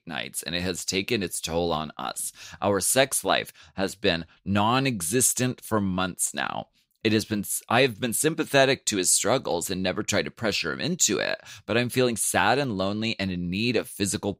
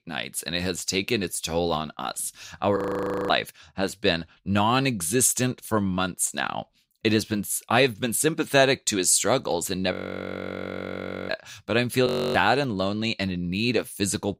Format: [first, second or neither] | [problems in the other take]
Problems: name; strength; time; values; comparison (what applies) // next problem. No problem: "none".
first | audio freezing; at 3 s for 0.5 s, at 10 s for 1.5 s and at 12 s